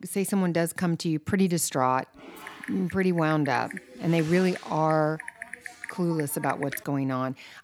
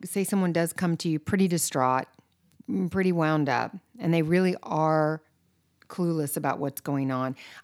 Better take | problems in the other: second | keyboard typing; faint; from 2 to 7 s; peak 10 dB below the speech

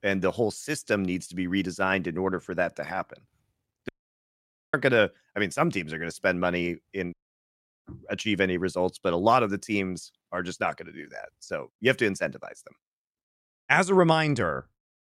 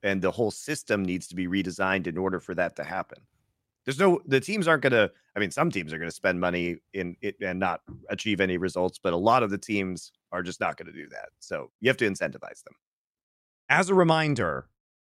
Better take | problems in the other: second | audio cutting out; at 4 s for 1 s and at 7 s for 0.5 s

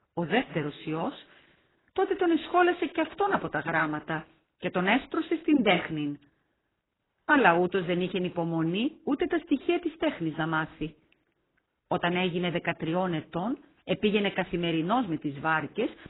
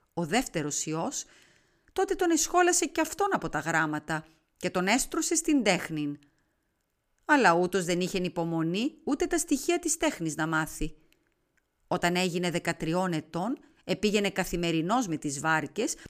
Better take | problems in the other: second | garbled, watery; badly; nothing above 3.5 kHz

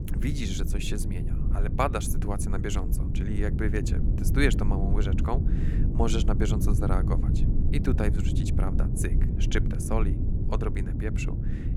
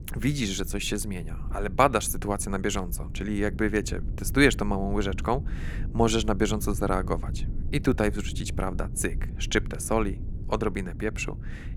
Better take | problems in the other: second | low rumble; loud; throughout; 6 dB below the speech; faint in the second

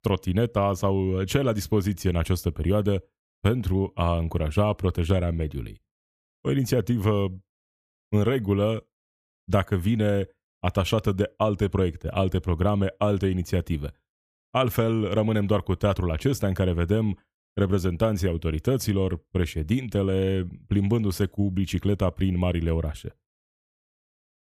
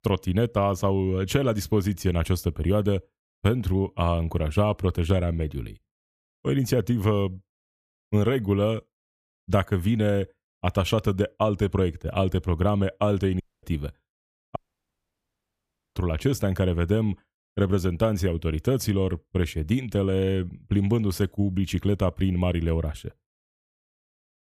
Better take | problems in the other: first | audio cutting out; at 13 s and at 15 s for 1.5 s

